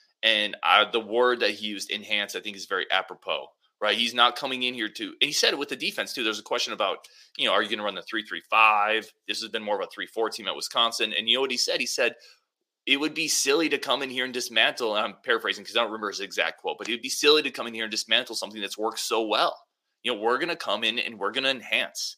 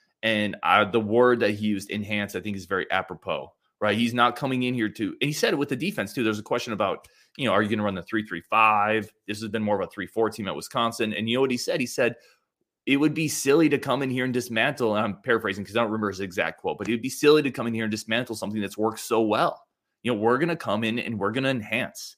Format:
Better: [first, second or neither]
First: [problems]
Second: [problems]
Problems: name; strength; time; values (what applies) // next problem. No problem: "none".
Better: second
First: thin; somewhat; fading below 400 Hz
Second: none